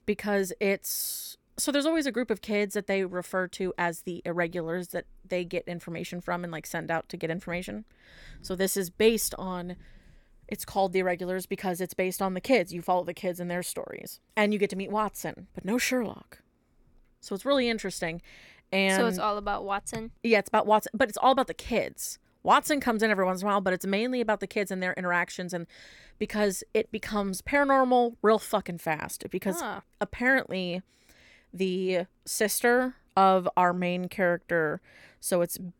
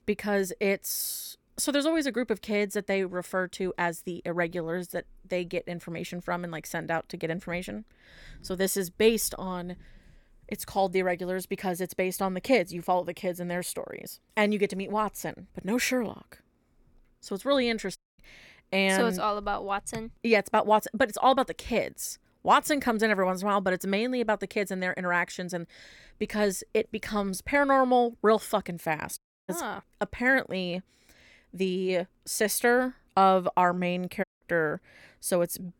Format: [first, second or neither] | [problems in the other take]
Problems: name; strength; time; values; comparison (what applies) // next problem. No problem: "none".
first | audio cutting out; at 18 s, at 29 s and at 34 s